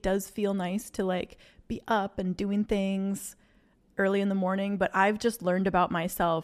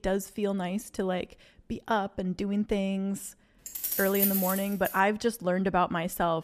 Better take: first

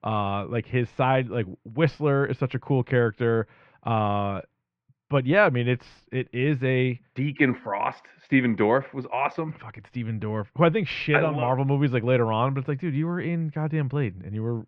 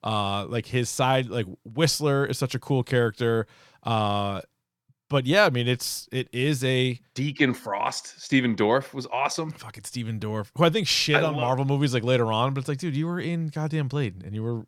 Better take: second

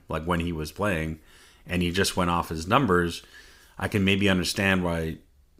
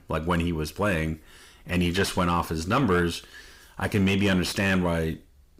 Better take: first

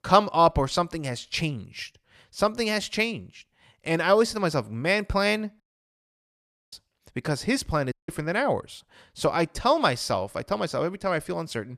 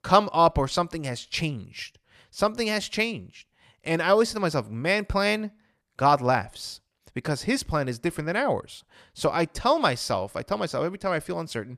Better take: second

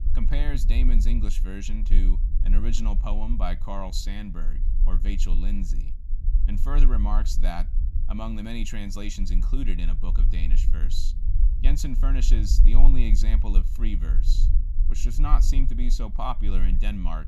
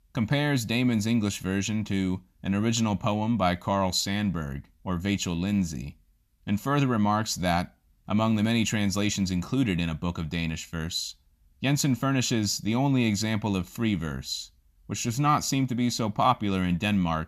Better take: second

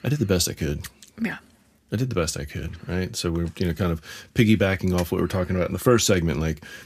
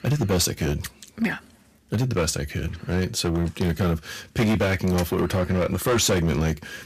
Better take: first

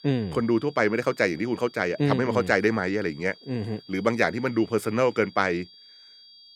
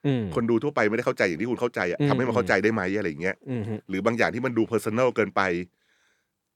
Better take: second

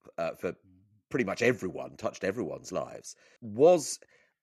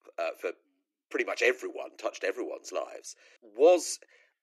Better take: first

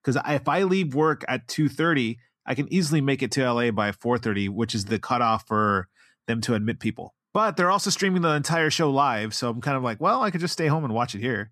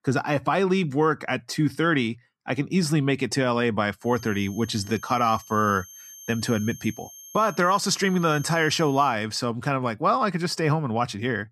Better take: first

